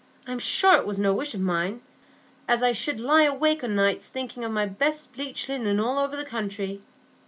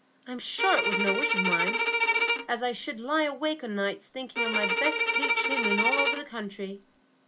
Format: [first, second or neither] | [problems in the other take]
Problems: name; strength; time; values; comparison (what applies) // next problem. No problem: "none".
first | background sound (Bowed string instrument); 3 dB above the speech